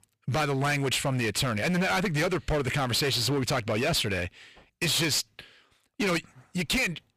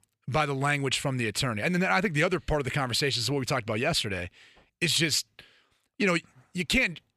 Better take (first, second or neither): second